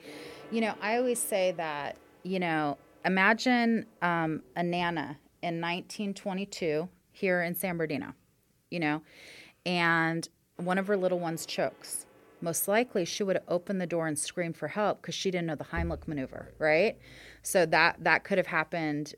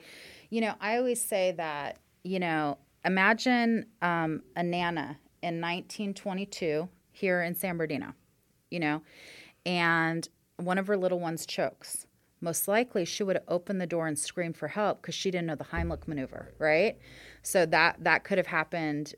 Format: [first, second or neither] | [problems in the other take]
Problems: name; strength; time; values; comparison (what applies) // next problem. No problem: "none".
second | background music; faint; throughout; 25 dB below the speech